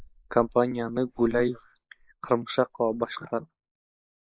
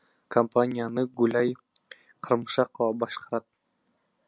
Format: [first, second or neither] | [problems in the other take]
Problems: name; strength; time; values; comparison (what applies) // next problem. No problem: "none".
second | noise reduction (neural mask model Resemble Enhance denoiser)